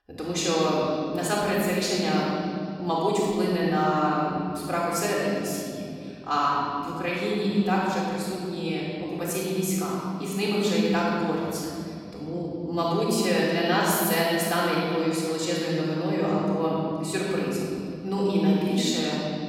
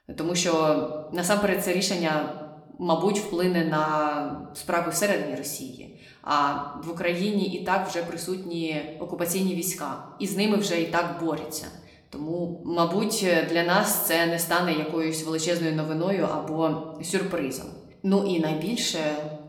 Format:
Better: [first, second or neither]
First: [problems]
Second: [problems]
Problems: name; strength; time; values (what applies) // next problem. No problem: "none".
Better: second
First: room echo; strong; dies away in 2.8 s // off-mic speech; far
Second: room echo; slight; dies away in 0.8 s